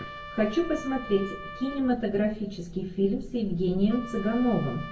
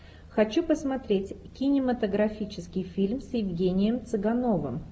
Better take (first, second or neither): second